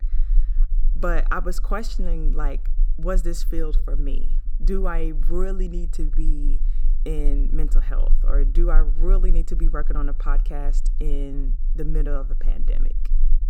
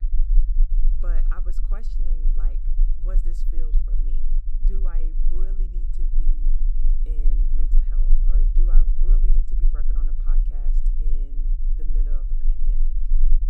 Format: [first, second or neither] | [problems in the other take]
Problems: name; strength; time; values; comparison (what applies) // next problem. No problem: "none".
first | low rumble; loud; throughout; 3 dB below the speech; faint in the first